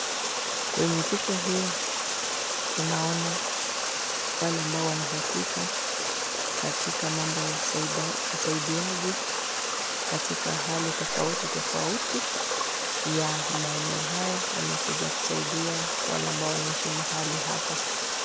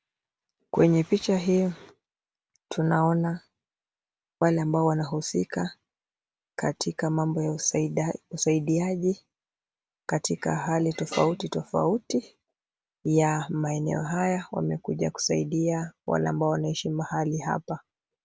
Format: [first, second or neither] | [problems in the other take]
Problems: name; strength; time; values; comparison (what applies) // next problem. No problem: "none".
second | background sound (Water); 4 dB above the speech